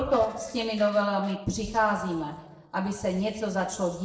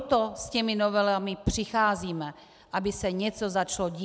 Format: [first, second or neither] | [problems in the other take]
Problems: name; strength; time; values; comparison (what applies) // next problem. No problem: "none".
second | noise reduction (neural separator model SepFormer DNS4)